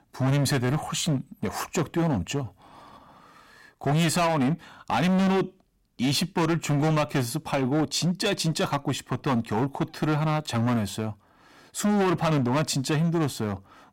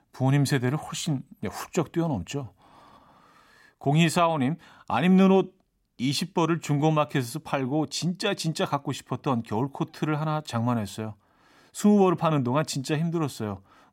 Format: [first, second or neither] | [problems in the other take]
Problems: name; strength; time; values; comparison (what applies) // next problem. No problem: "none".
second | distortion; heavy; 15% of the sound clipped